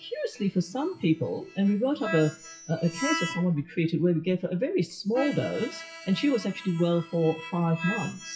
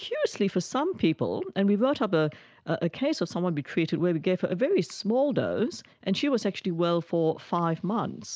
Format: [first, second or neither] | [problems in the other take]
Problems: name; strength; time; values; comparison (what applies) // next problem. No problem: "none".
second | noise reduction (classical method WPE with log-MMSE)